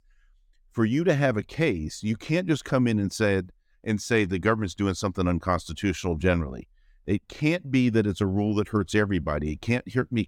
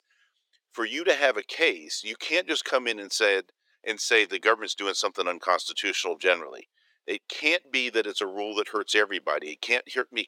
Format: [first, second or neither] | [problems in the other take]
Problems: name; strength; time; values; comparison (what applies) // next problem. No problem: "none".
first | thin; very; fading below 400 Hz